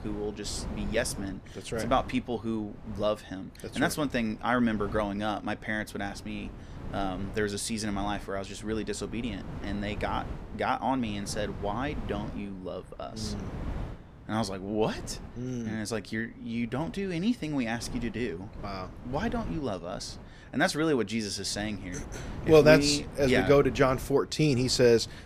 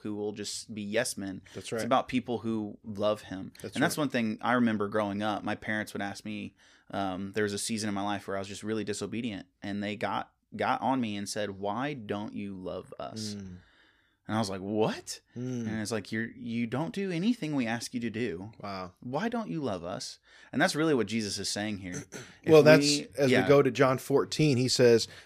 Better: second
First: wind noise on the microphone; occasional gusts; 20 dB below the speech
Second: none

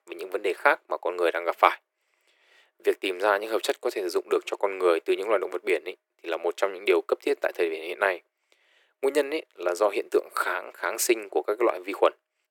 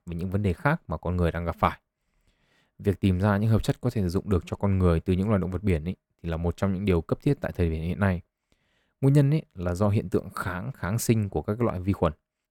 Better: second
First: thin; very; fading below 350 Hz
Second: none

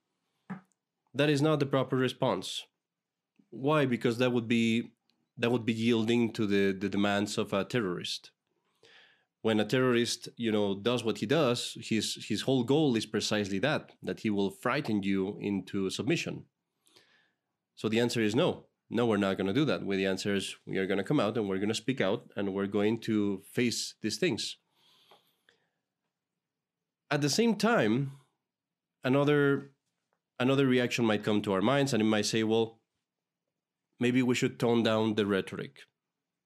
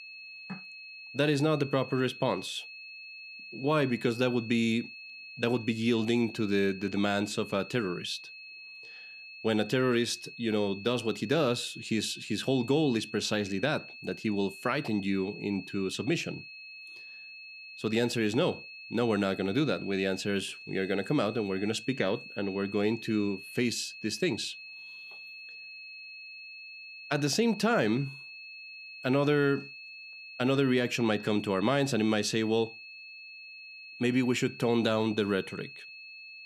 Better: first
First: none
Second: high-pitched whine; noticeable; throughout; 2.5 kHz, 15 dB below the speech

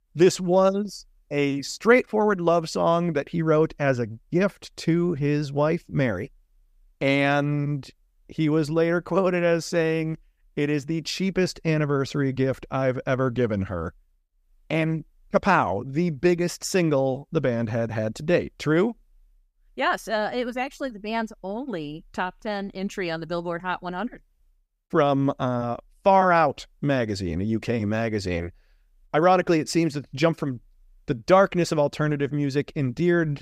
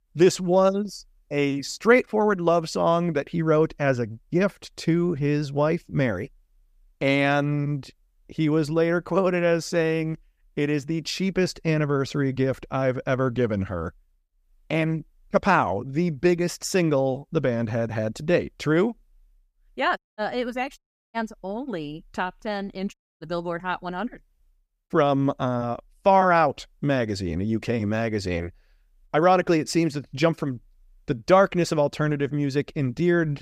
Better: first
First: none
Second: audio cutting out; at 20 s, at 21 s and at 23 s

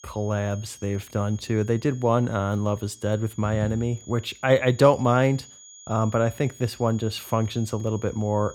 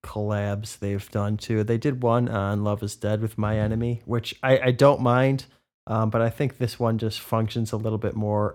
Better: second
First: high-pitched whine; faint; throughout; 7 kHz, 20 dB below the speech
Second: none

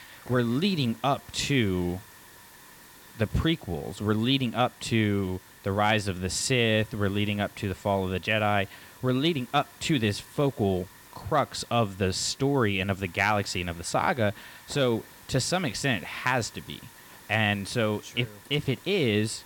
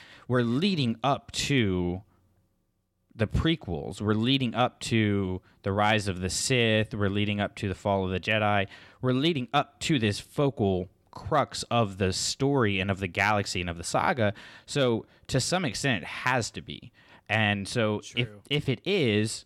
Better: second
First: hiss; faint; throughout; 20 dB below the speech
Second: none

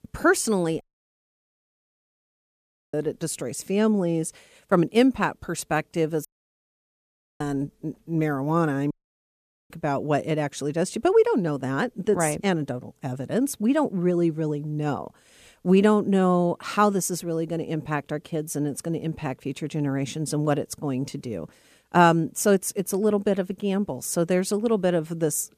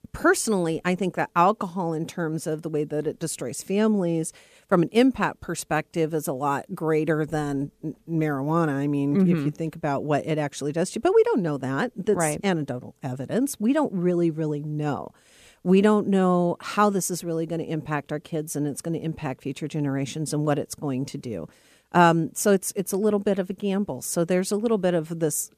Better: second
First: audio cutting out; at 1 s for 2 s, at 6.5 s for 1 s and at 9 s for 1 s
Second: none

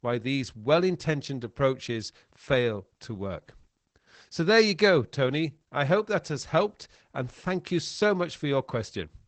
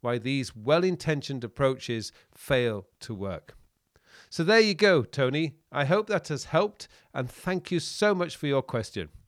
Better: second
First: garbled, watery; badly; nothing above 8 kHz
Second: none

